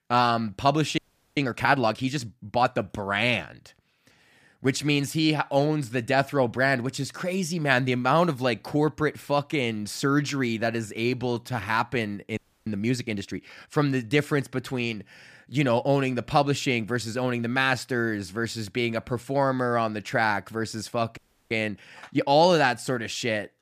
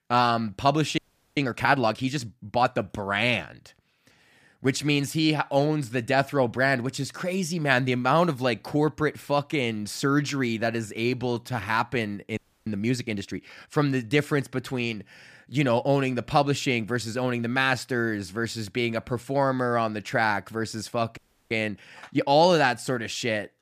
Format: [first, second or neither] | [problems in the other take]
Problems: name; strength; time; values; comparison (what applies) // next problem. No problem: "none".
neither | audio freezing; at 1 s, at 12 s and at 21 s; the same in both